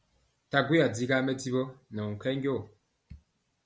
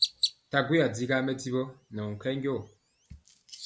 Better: first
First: none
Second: background sound (Chirp, tweet); 7 dB below the speech

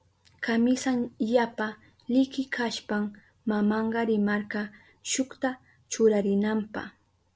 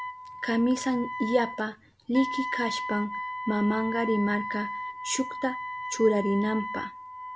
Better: first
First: none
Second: background sound (Wind instrument, woodwind instrument); 7 dB below the speech

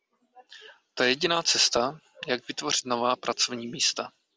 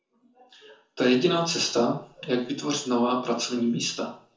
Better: first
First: none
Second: room echo; dies away in 0.6 s

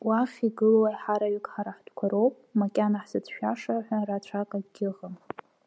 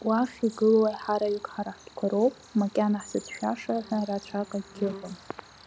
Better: first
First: none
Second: background sound (Cricket); 20 dB below the speech

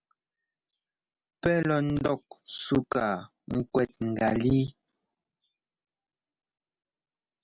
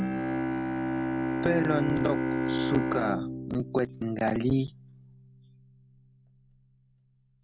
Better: first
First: none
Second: background sound (Bowed string instrument); as loud as the speech

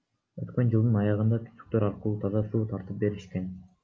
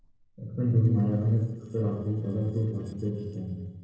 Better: first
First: none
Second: noise reduction (neural separator model SepFormer DNS4)

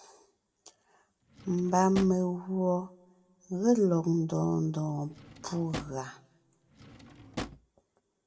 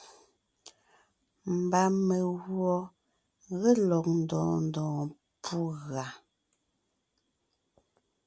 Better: second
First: background sound (Drawer open or close); 13 dB below the speech // room echo; dies away in 0.8 s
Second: none

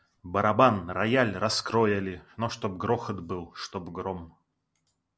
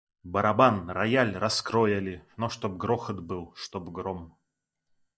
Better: first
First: none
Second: noise reduction (neural mask model DeepFilterNet 3)

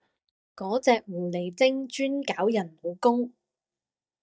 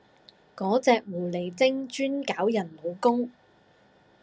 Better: second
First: noise reduction (neural mask model DeepFilterNet 3)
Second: none

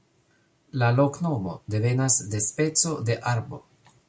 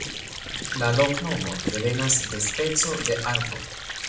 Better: first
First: none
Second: background sound (Sink (filling or washing) / Water); 5 dB below the speech // room echo; dies away in 0.5 s

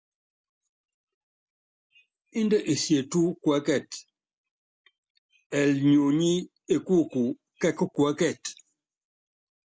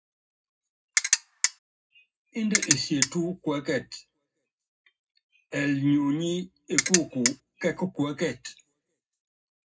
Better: first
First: none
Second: background sound (Ratchet, pawl); 5 dB above the speech // room echo; dies away in 0.3 s

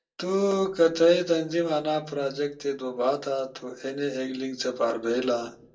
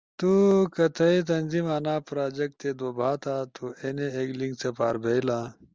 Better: second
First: room echo; dies away in 0.2 s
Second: none

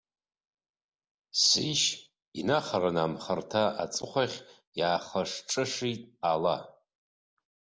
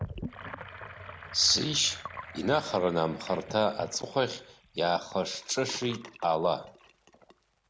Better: first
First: none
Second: background sound (Sink (filling or washing) / Gurgling); 14 dB below the speech

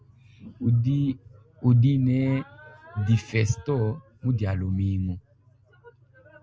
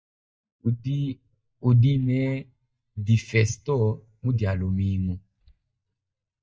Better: first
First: none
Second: noise reduction (neural mask model DeepFilterNet 3)

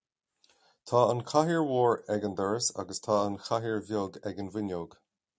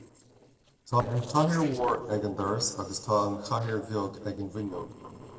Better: first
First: none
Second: noise reduction (neural separator model SepFormer DNS4)

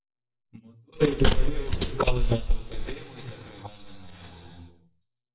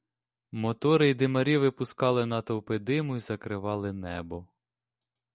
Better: second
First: noise reduction (neural mask model DeepFilterNet 3)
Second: none

